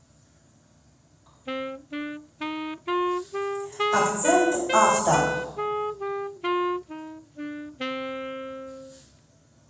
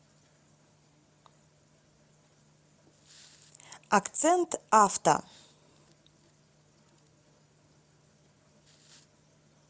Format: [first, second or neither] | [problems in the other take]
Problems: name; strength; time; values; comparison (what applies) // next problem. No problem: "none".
second | background sound (Wind instrument, woodwind instrument); 1 dB below the speech // room echo; dies away in 1.2 s